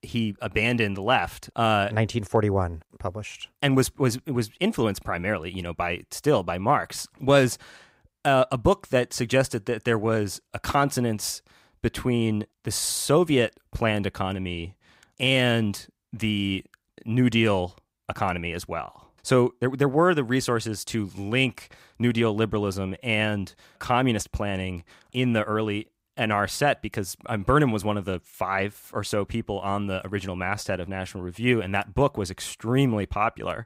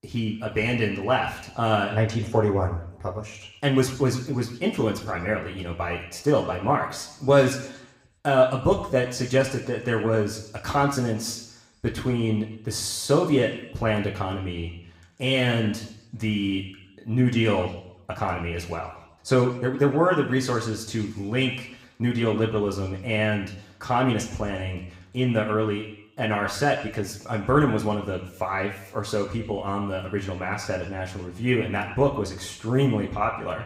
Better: first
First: none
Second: room echo; slight; dies away in 0.8 s // off-mic speech; somewhat distant

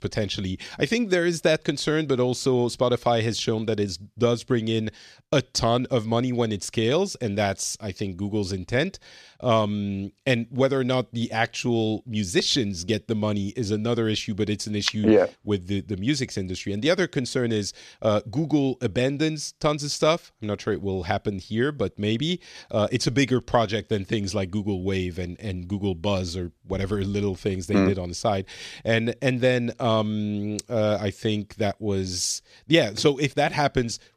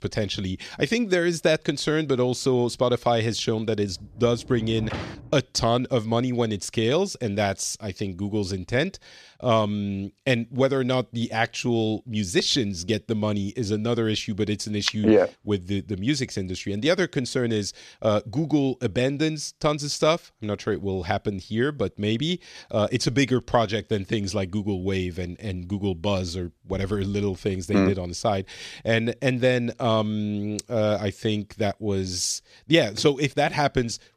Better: first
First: none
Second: door banging; noticeable; from 4 to 5.5 s; peak 7 dB below the speech

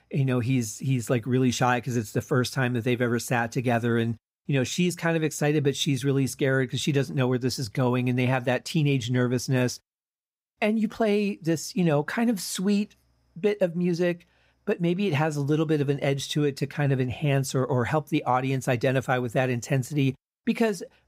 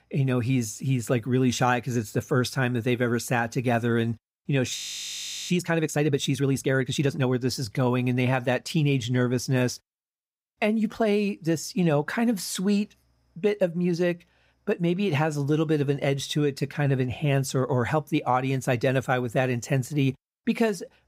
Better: first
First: none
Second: audio freezing; at 5 s for 0.5 s

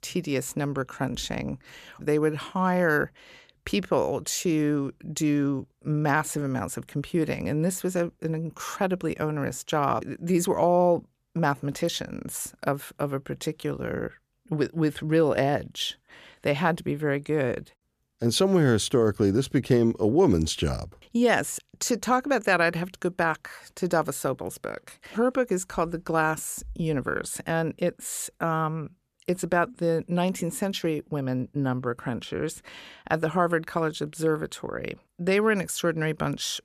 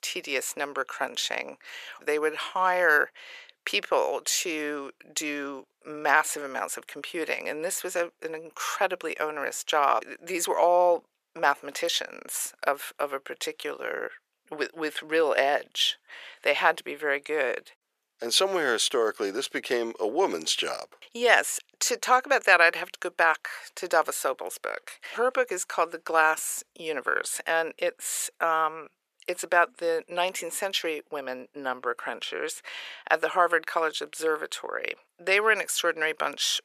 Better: first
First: none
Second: thin; very; fading below 500 Hz

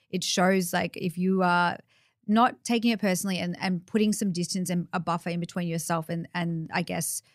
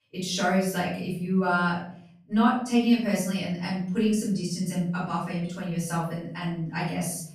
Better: first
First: none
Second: off-mic speech; far // room echo; noticeable; dies away in 0.6 s

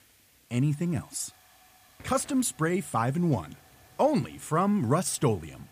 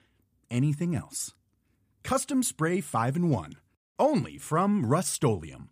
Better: second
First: hiss; faint; throughout; 25 dB below the speech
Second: none

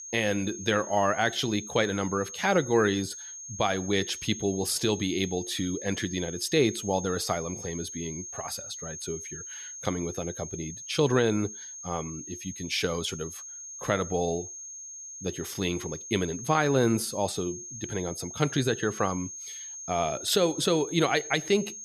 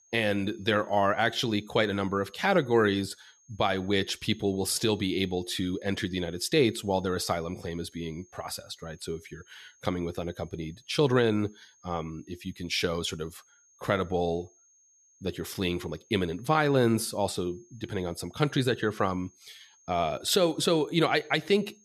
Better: second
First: high-pitched whine; loud; throughout; 6.5 kHz, 10 dB below the speech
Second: high-pitched whine; faint; throughout; 6.5 kHz, 30 dB below the speech

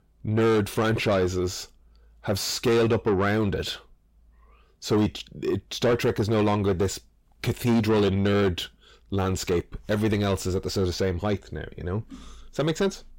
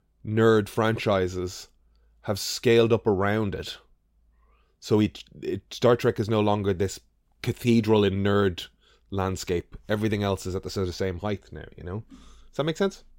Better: second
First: distortion; heavy; 8 dB below the speech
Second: none

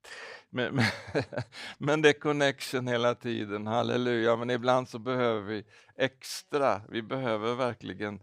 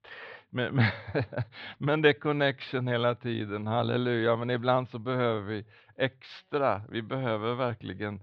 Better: first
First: none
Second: muffled; slightly; fading above 4 kHz

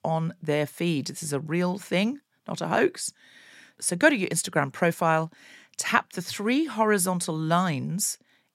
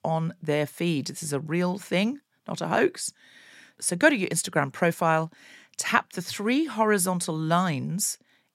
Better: neither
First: none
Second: none

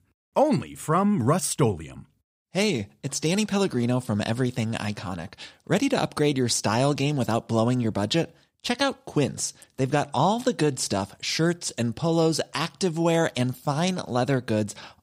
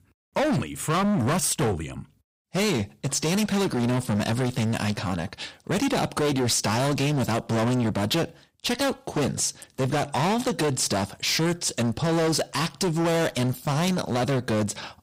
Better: first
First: none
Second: distortion; heavy; 24% of the sound clipped

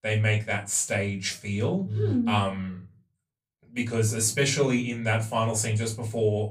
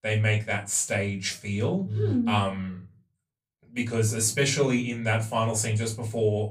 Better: neither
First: off-mic speech; far // room echo; very slight; dies away in 0.3 s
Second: off-mic speech; far // room echo; very slight; dies away in 0.3 s

